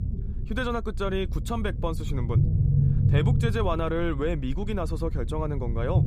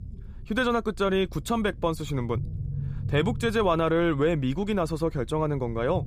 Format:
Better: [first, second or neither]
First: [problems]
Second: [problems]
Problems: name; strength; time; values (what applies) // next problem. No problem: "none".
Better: second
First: low rumble; loud; throughout; 8 dB below the speech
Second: low rumble; faint; throughout; 25 dB below the speech